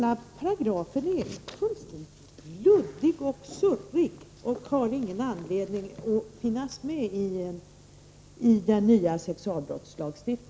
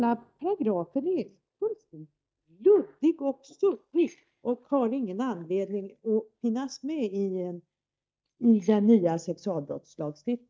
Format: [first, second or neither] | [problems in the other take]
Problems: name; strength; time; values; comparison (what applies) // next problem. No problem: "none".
first | noise reduction (neural mask model DeepFilterNet 3)